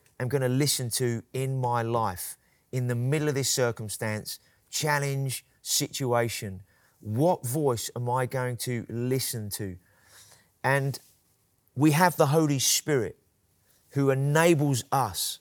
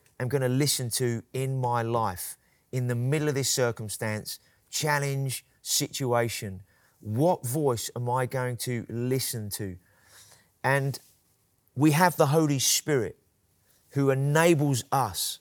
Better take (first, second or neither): neither